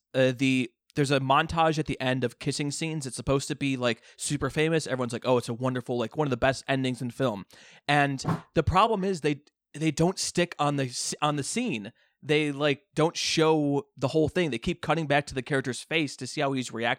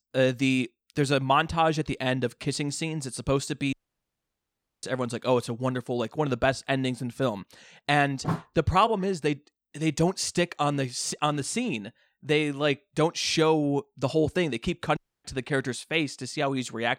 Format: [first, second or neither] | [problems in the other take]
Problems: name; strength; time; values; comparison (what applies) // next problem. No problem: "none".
first | audio cutting out; at 3.5 s for 1 s and at 15 s